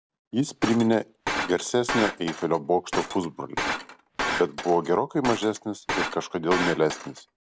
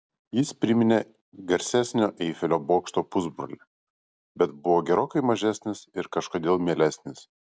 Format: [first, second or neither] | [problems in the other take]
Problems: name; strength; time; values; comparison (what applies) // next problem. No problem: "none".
second | background sound (Shatter); 6 dB below the speech